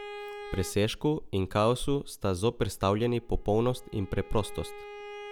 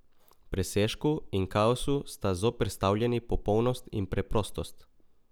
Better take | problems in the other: second | background sound (Bowed string instrument); 17 dB below the speech

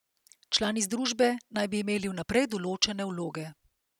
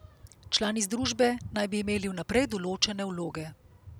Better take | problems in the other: first | background sound (Dog); 17 dB below the speech

